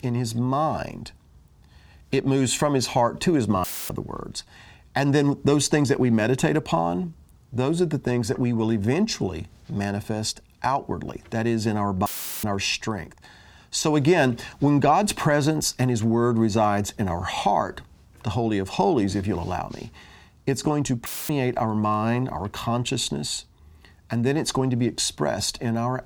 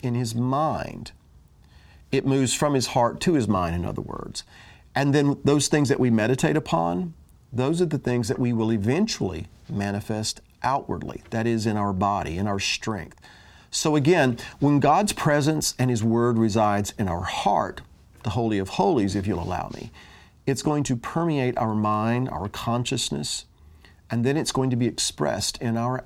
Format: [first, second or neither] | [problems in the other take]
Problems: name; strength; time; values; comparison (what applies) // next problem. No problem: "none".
second | audio cutting out; filled with static; at 3.5 s, at 12 s and at 21 s